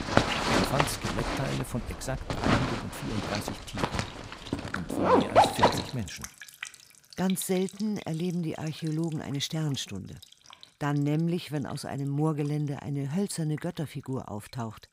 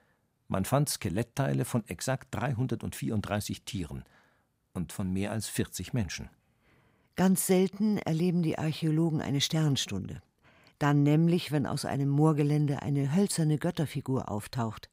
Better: second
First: household noises; very loud; throughout; 3 dB above the speech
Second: none

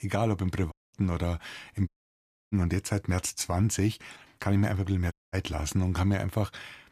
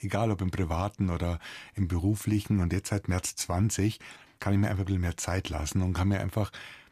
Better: second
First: audio cutting out; at 0.5 s, at 2 s for 0.5 s and at 5 s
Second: none

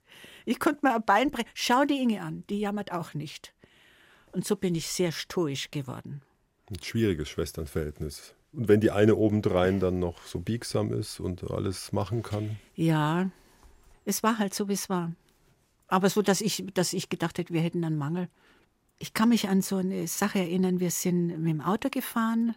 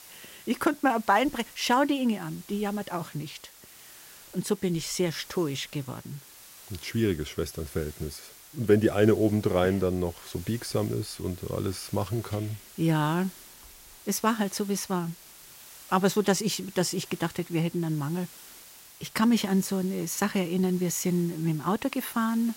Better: first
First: none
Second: hiss; noticeable; throughout; 20 dB below the speech

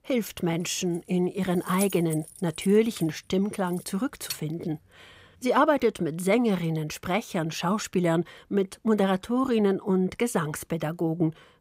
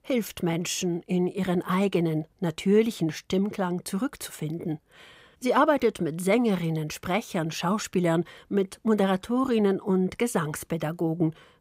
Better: second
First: jangling keys; noticeable; from 1 to 4.5 s; peak 7 dB below the speech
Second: none

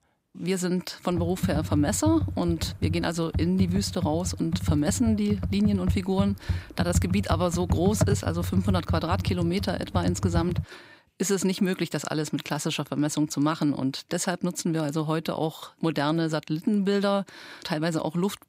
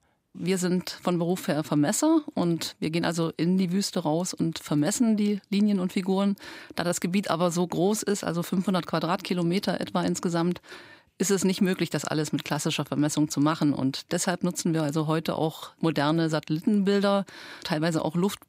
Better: second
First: keyboard typing; loud; from 1 to 11 s; peak 1 dB above the speech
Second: none

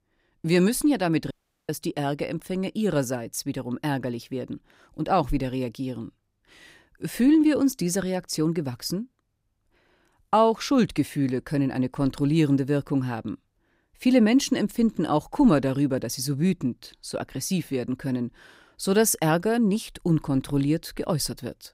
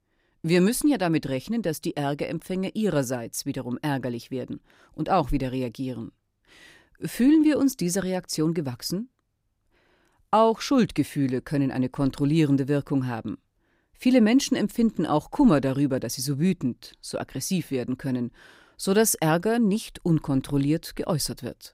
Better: second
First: audio cutting out; at 1.5 s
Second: none

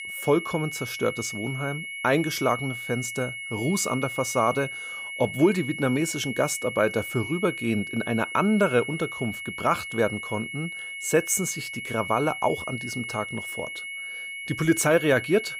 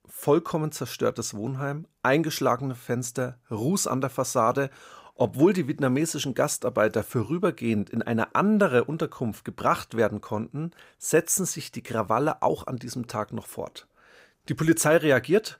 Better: second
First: high-pitched whine; loud; throughout; 2 kHz, 7 dB below the speech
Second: none

